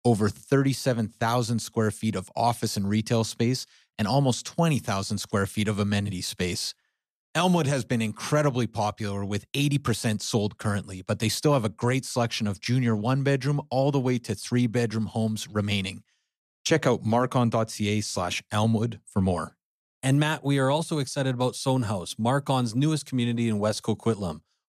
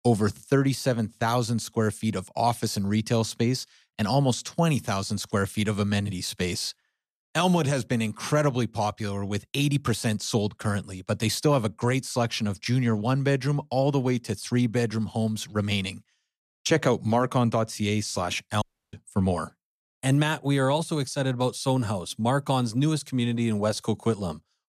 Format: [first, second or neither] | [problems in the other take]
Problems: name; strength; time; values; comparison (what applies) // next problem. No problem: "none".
first | audio cutting out; at 19 s